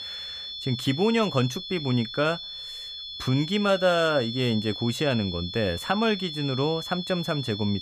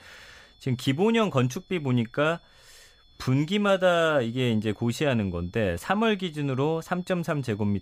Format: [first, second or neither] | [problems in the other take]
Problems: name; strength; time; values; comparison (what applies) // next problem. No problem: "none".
second | high-pitched whine; loud; throughout; 3.5 kHz, 8 dB below the speech; faint in the second